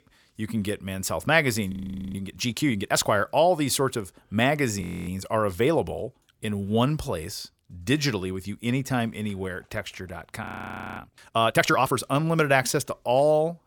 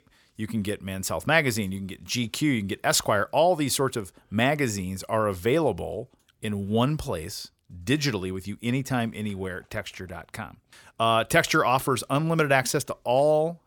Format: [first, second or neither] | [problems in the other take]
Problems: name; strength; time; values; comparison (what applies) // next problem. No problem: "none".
second | audio freezing; at 1.5 s, at 5 s and at 10 s for 0.5 s